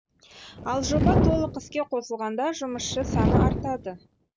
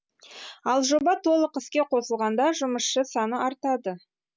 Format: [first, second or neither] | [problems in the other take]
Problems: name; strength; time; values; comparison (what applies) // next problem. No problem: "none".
second | background sound (Fire); 3 dB above the speech